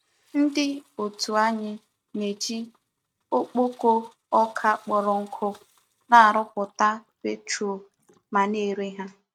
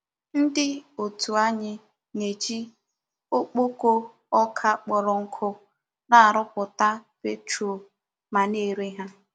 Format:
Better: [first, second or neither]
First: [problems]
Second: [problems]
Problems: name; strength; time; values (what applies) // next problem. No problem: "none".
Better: second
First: noise reduction (neural mask model RNNoise)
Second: none